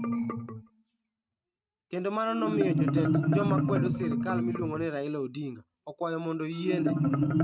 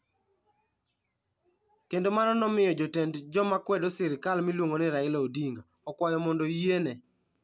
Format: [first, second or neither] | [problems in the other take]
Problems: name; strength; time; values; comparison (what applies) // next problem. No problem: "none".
second | noise reduction (neural mask model RNNoise)